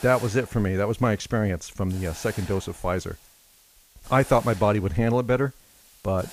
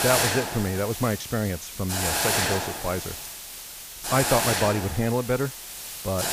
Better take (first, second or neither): first